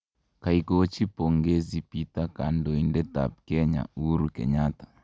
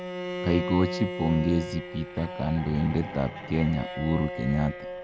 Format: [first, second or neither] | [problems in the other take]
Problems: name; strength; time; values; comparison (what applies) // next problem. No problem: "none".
first | background sound (Bowed string instrument); 8 dB below the speech